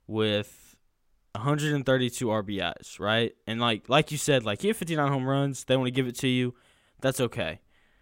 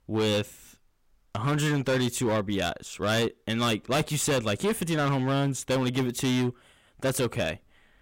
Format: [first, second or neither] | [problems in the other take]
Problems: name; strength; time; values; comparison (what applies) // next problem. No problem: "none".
first | distortion; heavy; 14% of the sound clipped